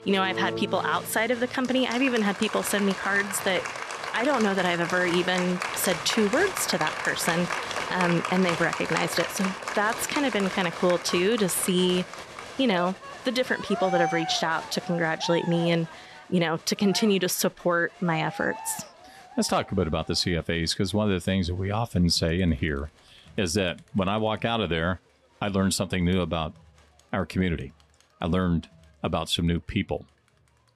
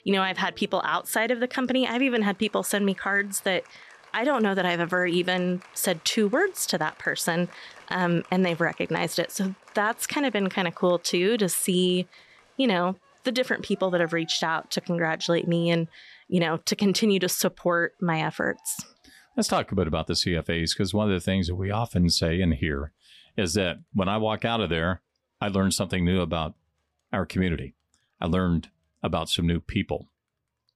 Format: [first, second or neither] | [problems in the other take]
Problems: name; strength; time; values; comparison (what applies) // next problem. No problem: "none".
second | crowd noise; loud; throughout; 7 dB below the speech; faint in the second